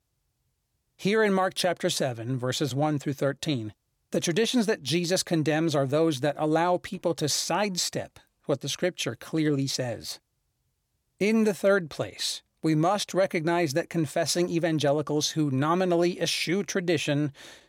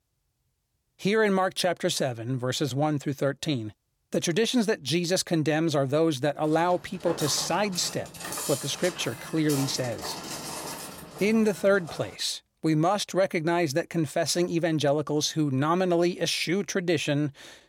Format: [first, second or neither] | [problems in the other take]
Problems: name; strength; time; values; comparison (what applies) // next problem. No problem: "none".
first | footsteps; noticeable; from 6.5 to 12 s; peak 5 dB below the speech